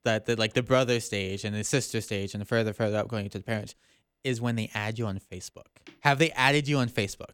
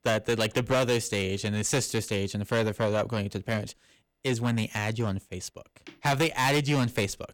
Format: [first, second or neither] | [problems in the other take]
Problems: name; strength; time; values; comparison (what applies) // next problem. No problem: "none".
first | distortion; heavy; 7% of the sound clipped